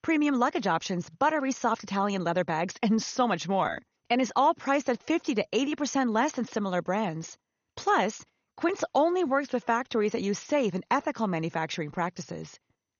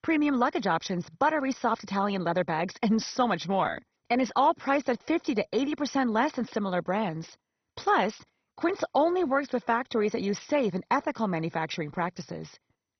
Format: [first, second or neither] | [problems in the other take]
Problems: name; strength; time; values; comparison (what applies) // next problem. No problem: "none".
first | garbled, watery; badly; nothing above 6 kHz; slightly in the first